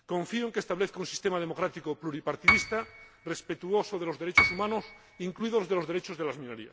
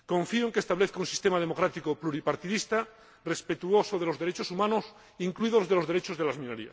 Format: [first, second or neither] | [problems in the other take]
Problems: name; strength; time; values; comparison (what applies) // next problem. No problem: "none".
second | background sound (Piano); 2 dB above the speech